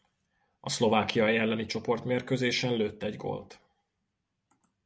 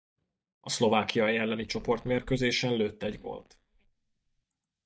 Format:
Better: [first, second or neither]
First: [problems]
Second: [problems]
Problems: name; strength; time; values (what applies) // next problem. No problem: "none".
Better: first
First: none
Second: noise reduction (neural mask model DeepFilterNet 3)